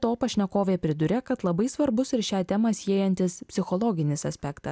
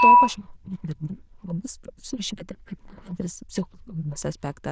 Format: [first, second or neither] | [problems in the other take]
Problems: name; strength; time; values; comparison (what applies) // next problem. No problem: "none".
first | noise reduction (neural diffusion model UNIVERSE++)